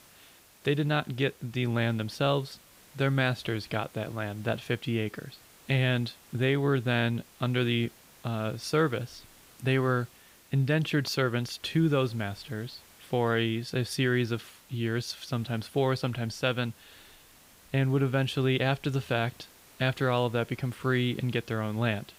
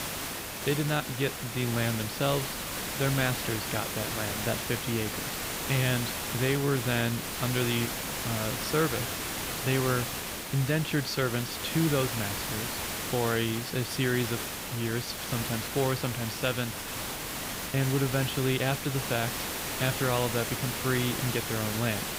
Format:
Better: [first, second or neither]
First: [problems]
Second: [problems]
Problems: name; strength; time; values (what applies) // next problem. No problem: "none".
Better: first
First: hiss; faint; throughout; 25 dB below the speech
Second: hiss; loud; throughout; 2 dB below the speech